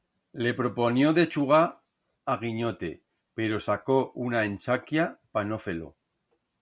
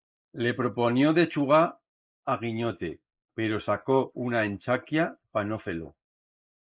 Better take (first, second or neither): first